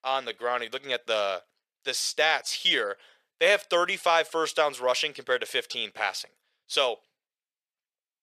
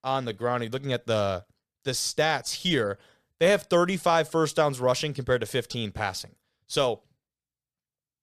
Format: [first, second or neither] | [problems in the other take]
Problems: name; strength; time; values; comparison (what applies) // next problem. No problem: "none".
second | thin; very; fading below 550 Hz